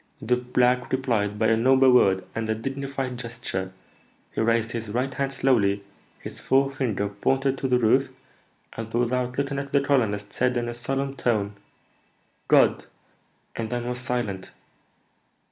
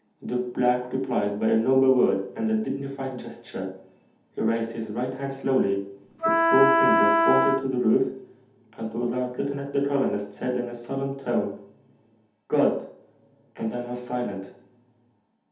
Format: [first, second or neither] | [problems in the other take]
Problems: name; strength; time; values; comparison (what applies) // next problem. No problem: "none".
first | background sound (Wind instrument, woodwind instrument); 4 dB above the speech // room echo; dies away in 0.6 s